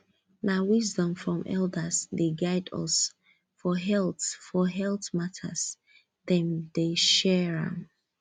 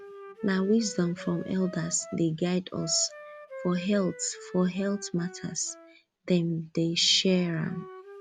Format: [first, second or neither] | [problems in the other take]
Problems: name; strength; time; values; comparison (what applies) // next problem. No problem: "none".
first | background sound (Wind instrument, woodwind instrument); 17 dB below the speech